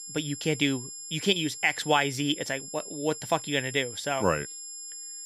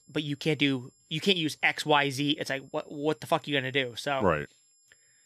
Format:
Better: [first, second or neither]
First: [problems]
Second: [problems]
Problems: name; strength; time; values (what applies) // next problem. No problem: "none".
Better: second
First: high-pitched whine; loud; throughout; 7.5 kHz, 10 dB below the speech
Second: high-pitched whine; faint; throughout; 7.5 kHz, 35 dB below the speech